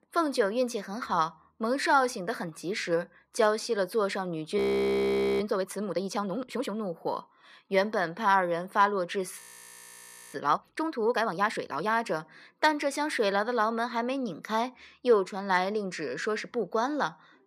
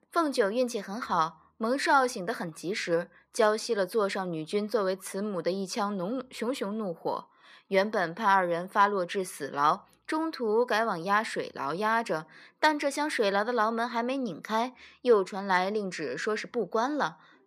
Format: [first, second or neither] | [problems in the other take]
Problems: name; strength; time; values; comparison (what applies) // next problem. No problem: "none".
second | audio freezing; at 4.5 s for 1 s and at 9.5 s for 1 s